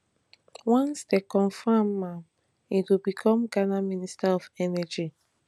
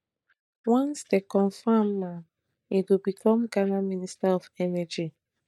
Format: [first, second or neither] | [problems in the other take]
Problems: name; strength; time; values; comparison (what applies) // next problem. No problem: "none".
first | noise reduction (neural mask model DeepFilterNet 3)